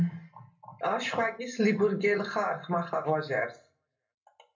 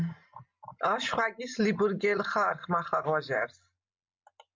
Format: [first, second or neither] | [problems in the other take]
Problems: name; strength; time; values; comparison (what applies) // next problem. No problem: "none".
second | room echo; dies away in 0.3 s